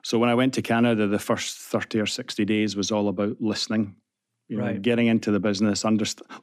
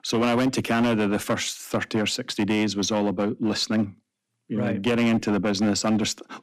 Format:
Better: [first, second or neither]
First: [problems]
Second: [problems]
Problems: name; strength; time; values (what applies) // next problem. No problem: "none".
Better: first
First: none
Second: distortion; slight; 12% of the sound clipped